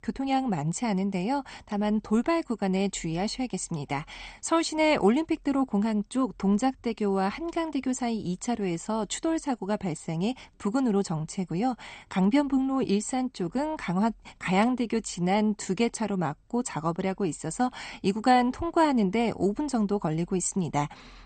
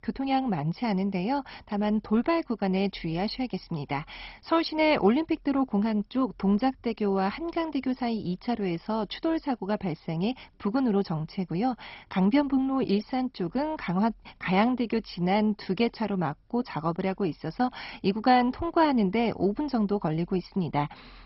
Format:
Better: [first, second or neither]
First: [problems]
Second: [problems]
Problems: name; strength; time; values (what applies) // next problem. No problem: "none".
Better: first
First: garbled, watery; slightly; nothing above 8.5 kHz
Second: garbled, watery; badly; nothing above 5.5 kHz